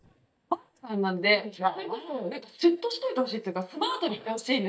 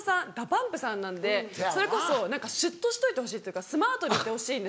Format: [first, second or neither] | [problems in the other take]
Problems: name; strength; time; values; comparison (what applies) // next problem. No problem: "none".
second | noise reduction (neural mask model DeepFilterNet 3)